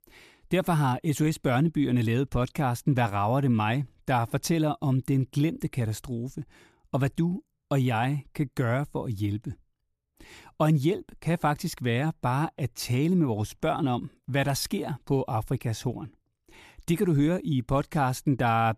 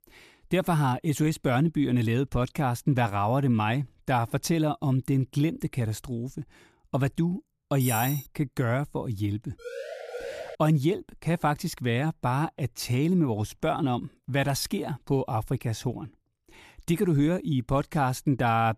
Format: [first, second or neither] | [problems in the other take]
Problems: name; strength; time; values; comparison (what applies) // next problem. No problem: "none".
first | clattering dishes; noticeable; at 8 s; peak 4 dB below the speech // siren; noticeable; at 9.5 s; peak 10 dB below the speech